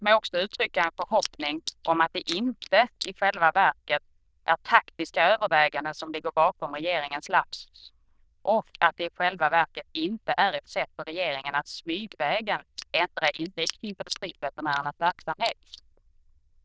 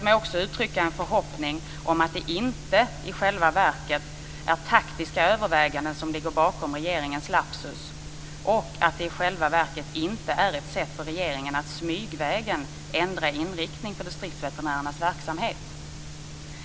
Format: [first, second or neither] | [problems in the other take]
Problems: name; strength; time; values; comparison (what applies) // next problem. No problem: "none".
second | noise reduction (neural diffusion model UNIVERSE++)